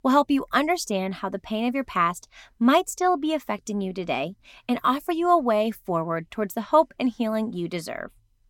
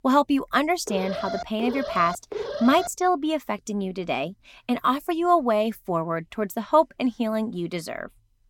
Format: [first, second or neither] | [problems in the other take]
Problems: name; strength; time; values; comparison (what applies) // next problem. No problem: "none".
first | alarm; noticeable; from 1 to 3 s; peak 6 dB below the speech